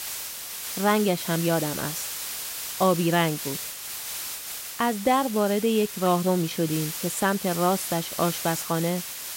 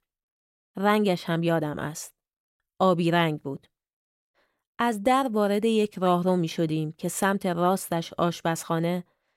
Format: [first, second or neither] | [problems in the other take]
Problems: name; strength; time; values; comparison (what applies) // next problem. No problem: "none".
second | hiss; loud; throughout; 7 dB below the speech